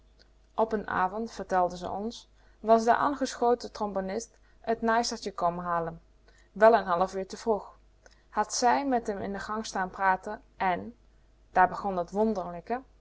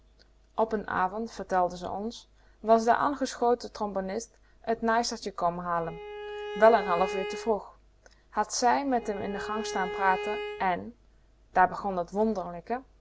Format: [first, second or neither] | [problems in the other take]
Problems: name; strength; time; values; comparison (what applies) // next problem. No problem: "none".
first | background sound (Bowed string instrument); 9 dB below the speech